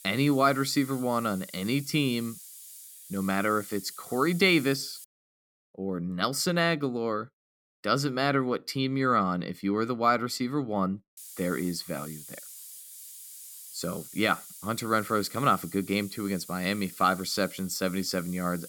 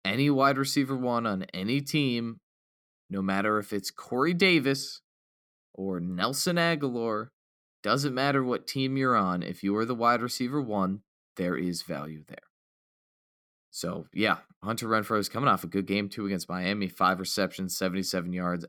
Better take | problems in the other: second | hiss; noticeable; until 5 s and from 11 s on; 15 dB below the speech

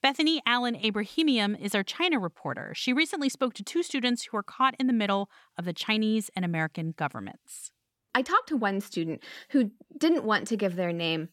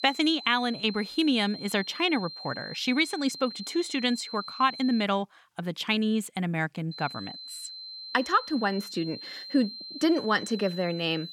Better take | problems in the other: first | high-pitched whine; noticeable; until 5 s and from 7 s on; 4 kHz, 10 dB below the speech

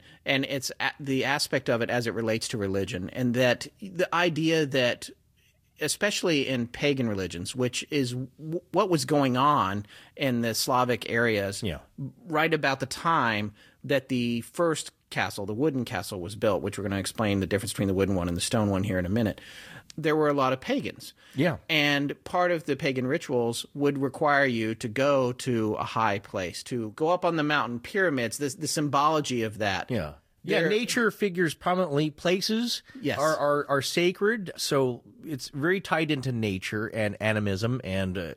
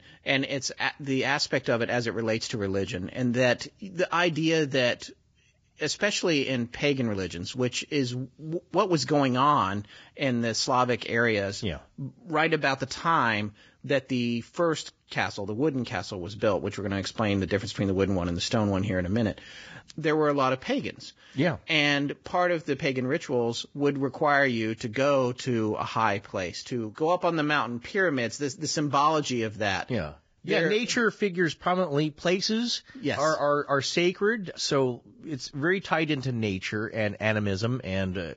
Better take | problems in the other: first | garbled, watery; badly; nothing above 7.5 kHz; slightly in the first

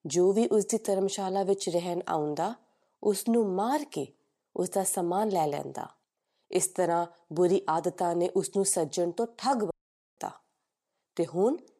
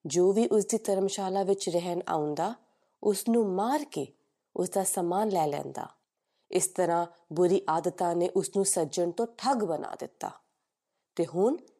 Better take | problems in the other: second | audio cutting out; at 9.5 s

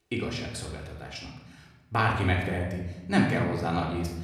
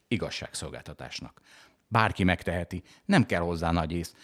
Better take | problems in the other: second | room echo; noticeable; dies away in 1 s // off-mic speech; far

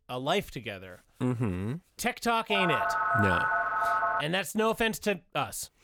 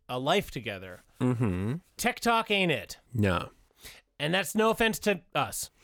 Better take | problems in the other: second | phone ringing; loud; from 2.5 to 4 s; peak 4 dB above the speech

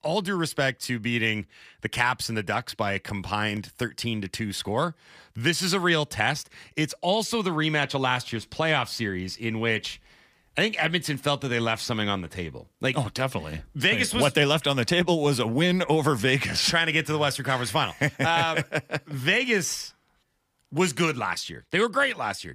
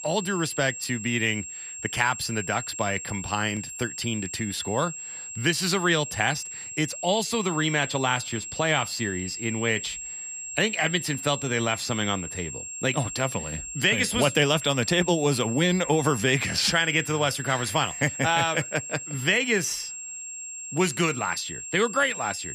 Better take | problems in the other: first | high-pitched whine; loud; throughout; 7.5 kHz, 8 dB below the speech

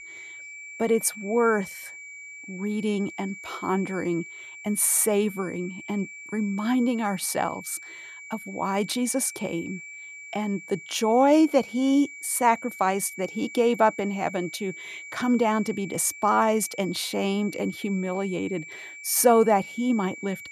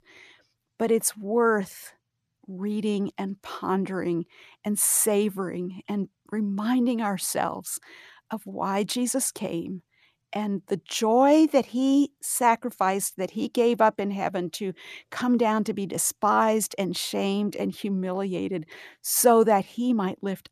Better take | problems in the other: second | high-pitched whine; noticeable; throughout; 2.5 kHz, 15 dB below the speech

